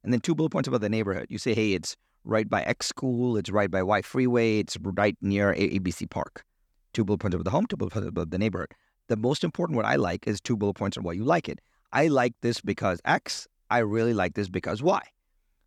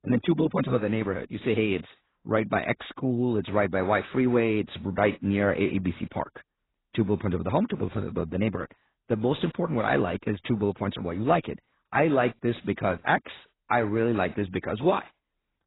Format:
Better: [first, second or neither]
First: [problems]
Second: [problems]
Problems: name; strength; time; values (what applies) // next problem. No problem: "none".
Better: first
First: none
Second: garbled, watery; badly; nothing above 4 kHz